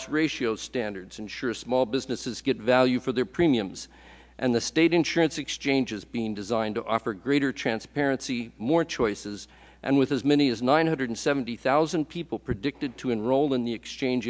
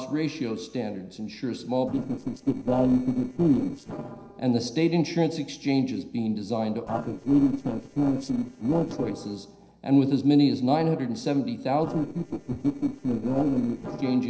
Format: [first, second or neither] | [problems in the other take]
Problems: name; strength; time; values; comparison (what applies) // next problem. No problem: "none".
first | noise reduction (neural separator model SepFormer DNS4)